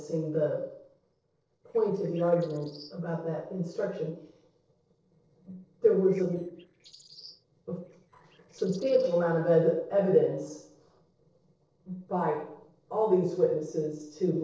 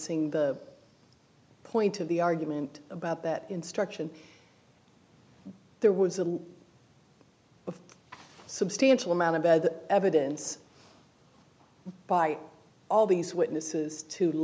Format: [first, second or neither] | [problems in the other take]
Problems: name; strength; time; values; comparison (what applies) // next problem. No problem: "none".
second | noise reduction (neural separator model SepFormer DNS4)